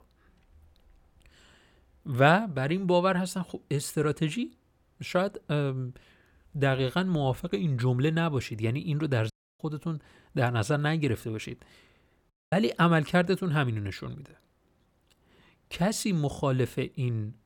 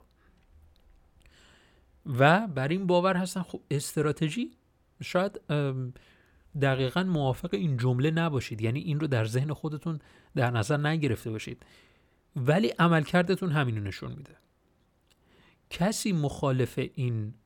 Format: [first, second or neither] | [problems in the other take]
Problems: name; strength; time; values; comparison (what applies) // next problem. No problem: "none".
second | audio cutting out; at 9.5 s and at 12 s